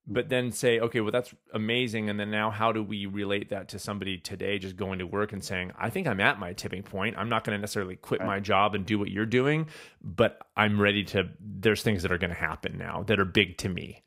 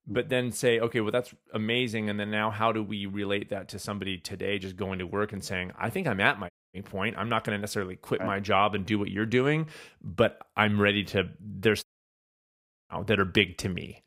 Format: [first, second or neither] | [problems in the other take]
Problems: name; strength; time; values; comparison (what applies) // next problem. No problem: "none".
first | audio cutting out; at 6.5 s and at 12 s for 1 s